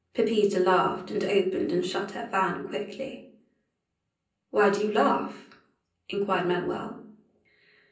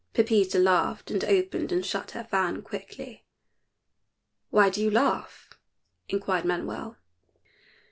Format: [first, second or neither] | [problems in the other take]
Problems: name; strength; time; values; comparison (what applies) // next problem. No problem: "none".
second | room echo; dies away in 0.6 s